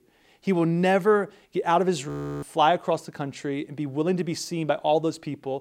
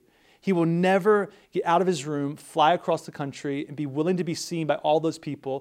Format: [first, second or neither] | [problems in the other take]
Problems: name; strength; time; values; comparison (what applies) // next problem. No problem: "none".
second | audio freezing; at 2 s